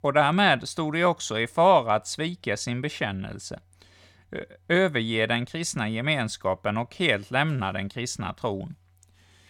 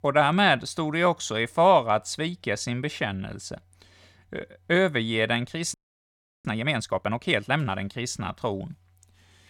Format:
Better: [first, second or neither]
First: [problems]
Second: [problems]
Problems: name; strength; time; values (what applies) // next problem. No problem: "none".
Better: first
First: none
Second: audio freezing; at 5.5 s for 0.5 s